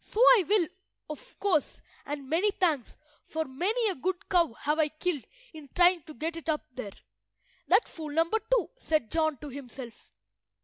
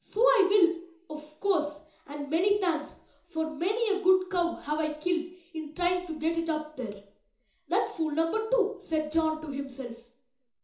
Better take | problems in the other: first | room echo; dies away in 0.6 s

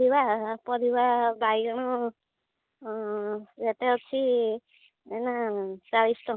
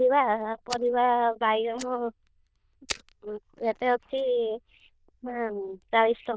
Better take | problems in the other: first | noise reduction (neural diffusion model UNIVERSE++)

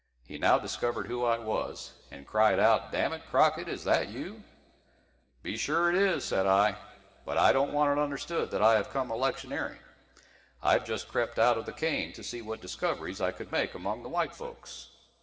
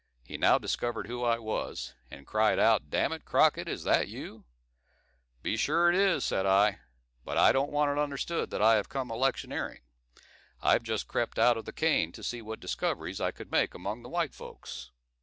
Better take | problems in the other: second | room echo; dies away in 2.4 s

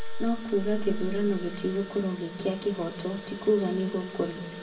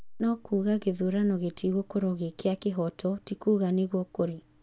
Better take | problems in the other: second | background sound (Engine / Drill); 16 dB below the speech // room echo; dies away in 1.4 s

